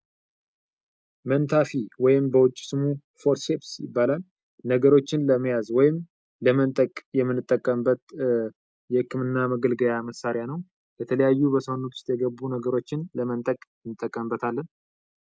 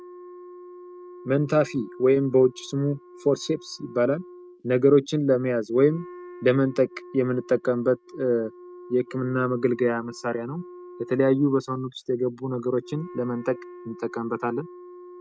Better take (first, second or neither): first